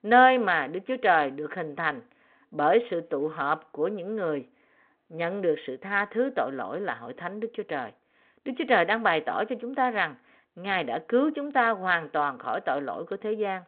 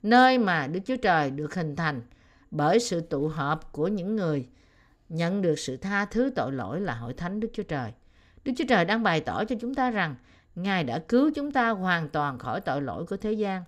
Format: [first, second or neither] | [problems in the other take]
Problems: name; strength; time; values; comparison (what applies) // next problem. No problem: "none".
second | phone-call audio